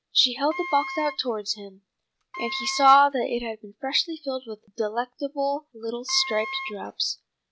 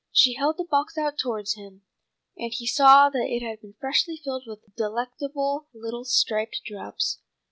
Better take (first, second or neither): second